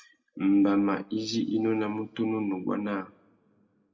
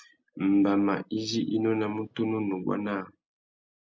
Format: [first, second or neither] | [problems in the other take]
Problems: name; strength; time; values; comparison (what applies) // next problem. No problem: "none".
second | room echo; dies away in 0.4 s